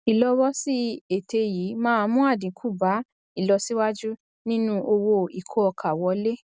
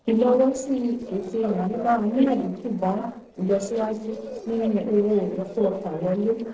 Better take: first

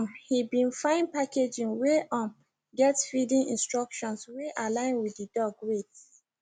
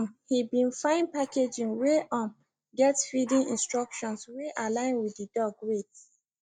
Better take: first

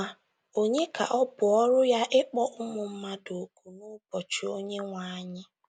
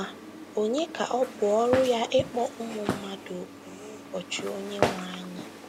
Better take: first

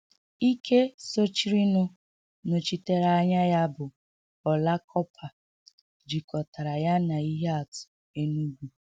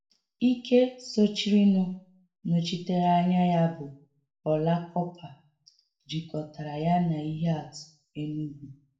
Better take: first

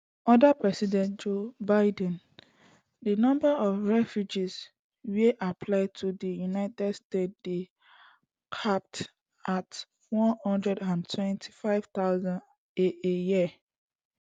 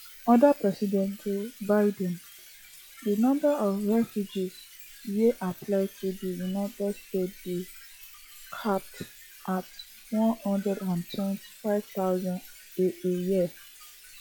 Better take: first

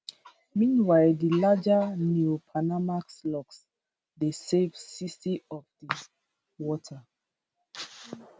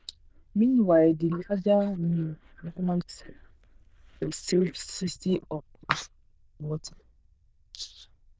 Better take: first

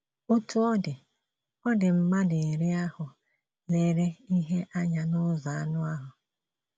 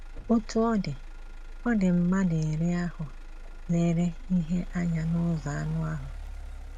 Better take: first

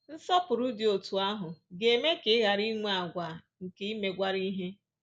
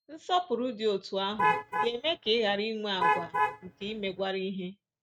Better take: first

